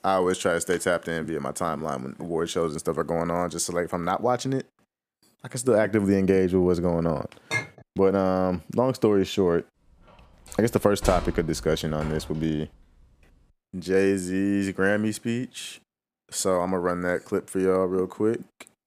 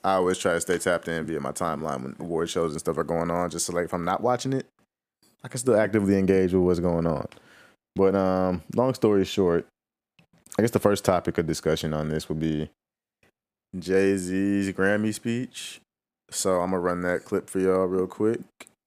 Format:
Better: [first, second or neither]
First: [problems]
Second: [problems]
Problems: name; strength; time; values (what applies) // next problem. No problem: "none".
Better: second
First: clattering dishes; noticeable; at 7.5 s; peak 4 dB below the speech // door banging; noticeable; from 11 to 12 s; peak 7 dB below the speech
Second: none